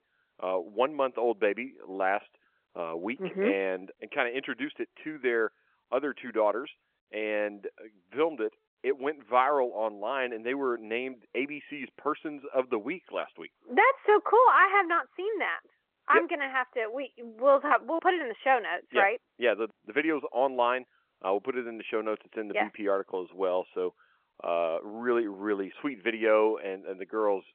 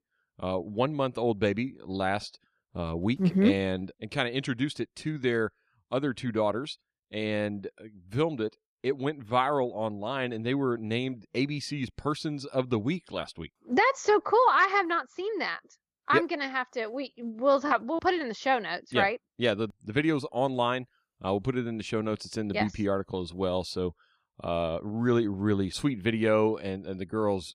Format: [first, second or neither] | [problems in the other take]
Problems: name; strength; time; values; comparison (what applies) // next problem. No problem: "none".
second | phone-call audio